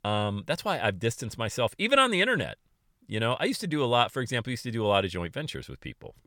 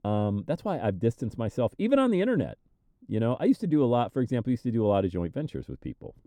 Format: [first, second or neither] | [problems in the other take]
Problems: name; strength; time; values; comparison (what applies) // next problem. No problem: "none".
first | muffled; slightly; fading above 1 kHz